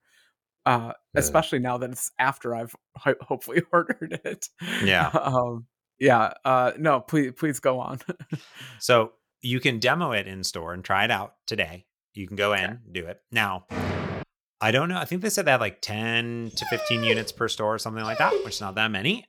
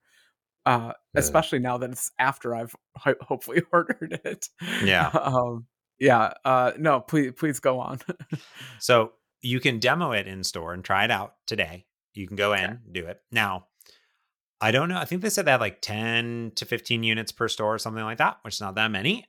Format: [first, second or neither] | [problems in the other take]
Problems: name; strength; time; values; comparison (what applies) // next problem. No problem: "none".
second | door banging; noticeable; at 14 s; peak 4 dB below the speech // dog barking; noticeable; from 17 to 18 s; peak 2 dB below the speech